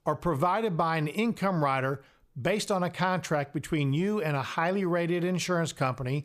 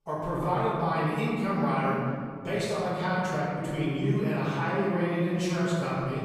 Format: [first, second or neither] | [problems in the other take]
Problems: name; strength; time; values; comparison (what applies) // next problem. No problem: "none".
first | off-mic speech; far // room echo; strong; dies away in 2.2 s